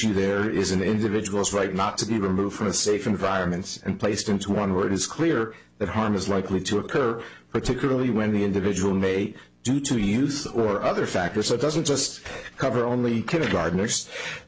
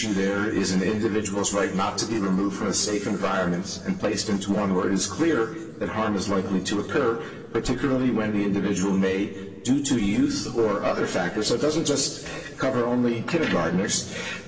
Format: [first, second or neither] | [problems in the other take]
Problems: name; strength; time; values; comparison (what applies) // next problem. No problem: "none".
first | room echo; dies away in 2.5 s